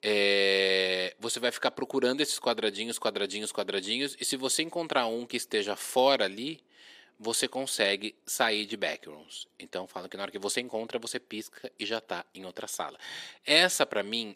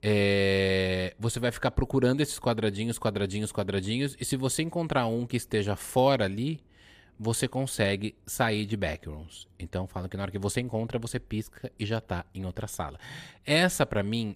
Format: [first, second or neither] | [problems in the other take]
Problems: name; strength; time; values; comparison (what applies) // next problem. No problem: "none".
second | thin; somewhat; fading below 300 Hz